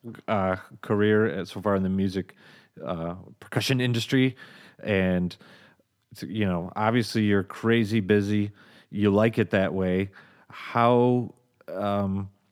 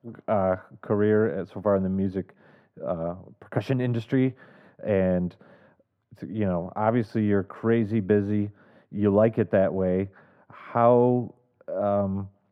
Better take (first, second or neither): first